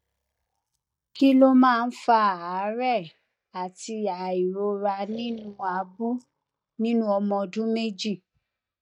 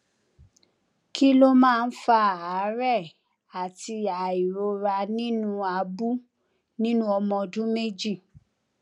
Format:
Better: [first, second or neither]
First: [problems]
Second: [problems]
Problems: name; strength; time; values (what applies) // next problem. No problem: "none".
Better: second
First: noise reduction (neural mask model DeepFilterNet 3)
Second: none